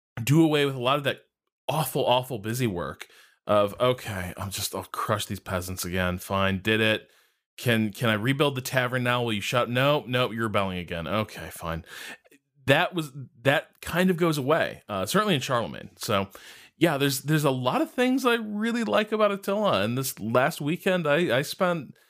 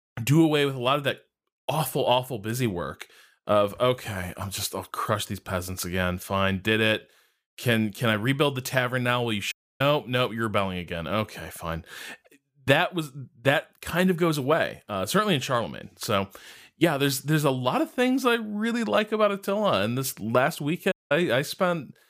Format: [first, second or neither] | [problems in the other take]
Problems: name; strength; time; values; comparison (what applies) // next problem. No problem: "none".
first | audio cutting out; at 9.5 s and at 21 s